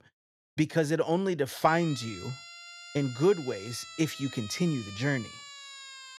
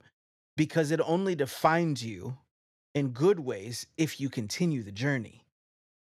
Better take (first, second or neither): second